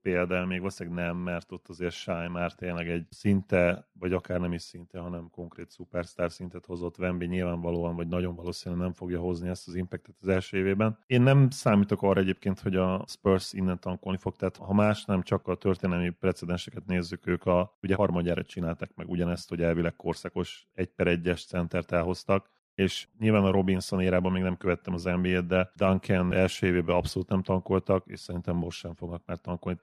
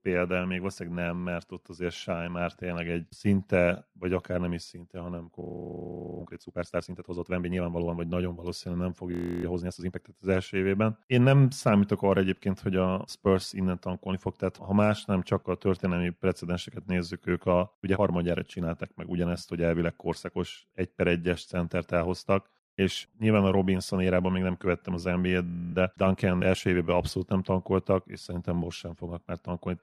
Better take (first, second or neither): first